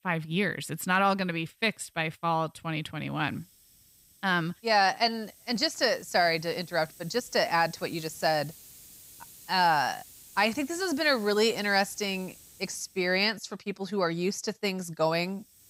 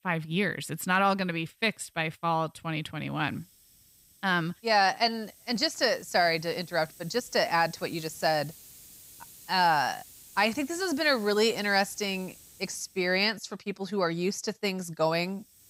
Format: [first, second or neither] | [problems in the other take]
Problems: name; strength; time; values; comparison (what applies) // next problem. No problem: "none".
neither | hiss; faint; throughout; 20 dB below the speech; the same in both